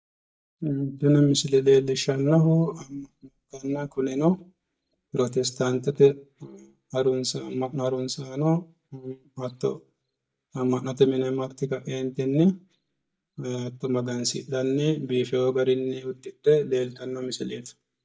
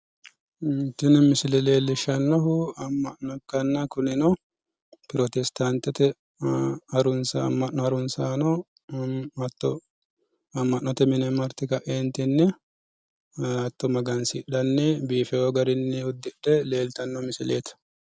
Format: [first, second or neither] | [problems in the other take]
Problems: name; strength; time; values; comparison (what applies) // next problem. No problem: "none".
second | noise reduction (neural mask model DeepFilterNet 3)